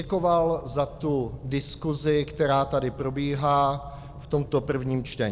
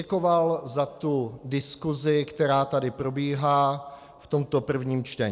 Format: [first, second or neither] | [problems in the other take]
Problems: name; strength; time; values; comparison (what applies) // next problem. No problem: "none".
second | background sound (Fire); 15 dB below the speech